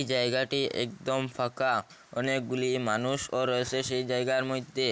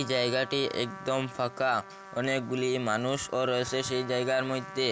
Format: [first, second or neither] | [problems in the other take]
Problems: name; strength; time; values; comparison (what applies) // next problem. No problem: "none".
first | background sound (Trumpet); 15 dB below the speech